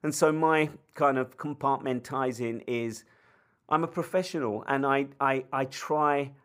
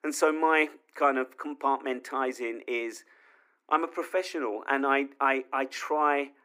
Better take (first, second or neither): first